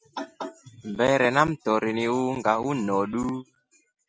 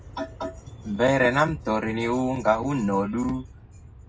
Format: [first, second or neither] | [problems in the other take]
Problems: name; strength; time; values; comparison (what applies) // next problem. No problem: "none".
first | background sound (Aircraft); 19 dB below the speech // room echo; dies away in 0.4 s